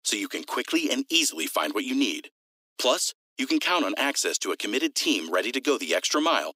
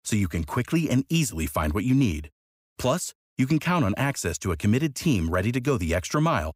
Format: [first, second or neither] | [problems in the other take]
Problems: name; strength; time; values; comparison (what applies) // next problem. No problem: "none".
second | thin; somewhat; fading below 300 Hz